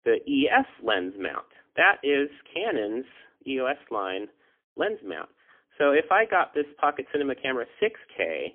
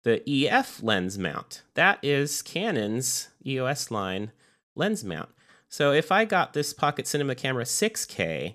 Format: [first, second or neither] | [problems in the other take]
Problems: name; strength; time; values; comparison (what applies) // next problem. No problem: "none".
second | phone-call audio; poor line; nothing above 3.5 kHz